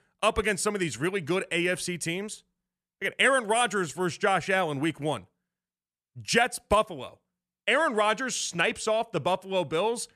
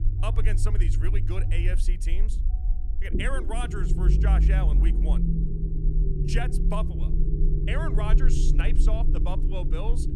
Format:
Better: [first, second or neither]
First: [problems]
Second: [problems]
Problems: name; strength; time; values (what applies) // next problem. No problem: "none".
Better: first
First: none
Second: low rumble; loud; throughout; 5 dB below the speech